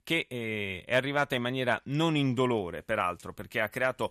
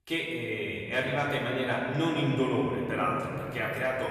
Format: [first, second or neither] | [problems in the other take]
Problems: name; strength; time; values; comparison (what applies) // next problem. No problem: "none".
first | off-mic speech; far // room echo; noticeable; dies away in 3 s